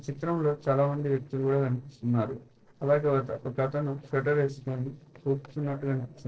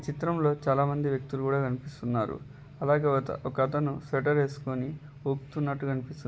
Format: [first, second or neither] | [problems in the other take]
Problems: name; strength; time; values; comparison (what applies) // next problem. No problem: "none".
second | noise reduction (neural separator model SepFormer DNS4)